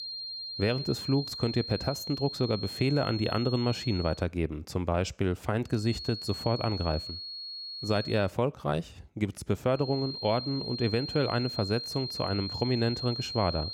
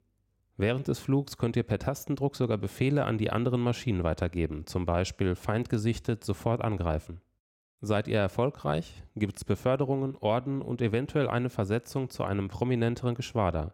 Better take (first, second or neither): second